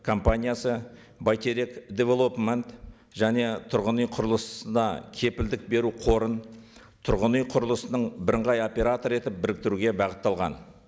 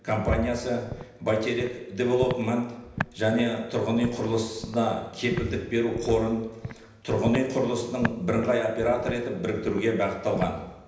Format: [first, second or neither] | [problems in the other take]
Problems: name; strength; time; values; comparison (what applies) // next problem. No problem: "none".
first | background sound (Walk, footsteps); 12 dB below the speech // room echo; dies away in 0.9 s